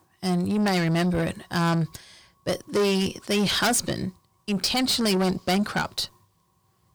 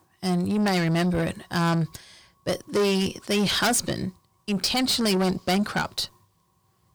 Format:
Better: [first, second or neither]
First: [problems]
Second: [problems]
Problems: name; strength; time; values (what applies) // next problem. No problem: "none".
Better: neither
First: distortion; heavy; 7 dB below the speech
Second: distortion; heavy; 7 dB below the speech